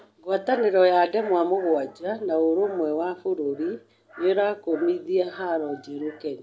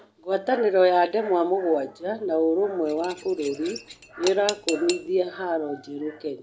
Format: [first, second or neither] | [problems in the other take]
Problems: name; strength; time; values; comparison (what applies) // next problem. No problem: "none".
first | background sound (Cutlery, silverware / Dishes, pots, and pans); 12 dB below the speech